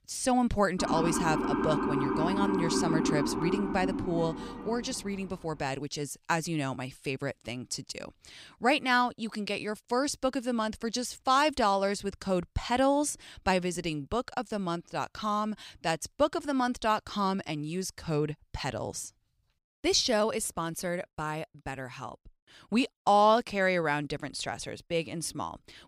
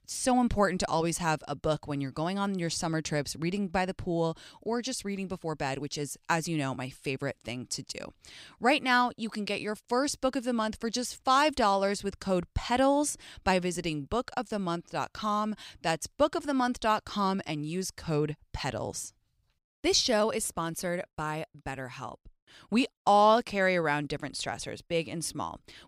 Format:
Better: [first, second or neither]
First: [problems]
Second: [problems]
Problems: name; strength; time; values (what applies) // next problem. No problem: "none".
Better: second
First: siren; loud; from 1 to 5 s; peak 2 dB above the speech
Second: none